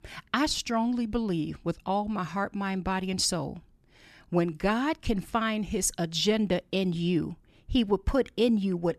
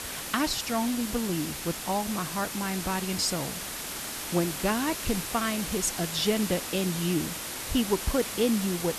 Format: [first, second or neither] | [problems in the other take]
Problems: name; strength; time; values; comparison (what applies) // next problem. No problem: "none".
first | hiss; loud; throughout; 4 dB below the speech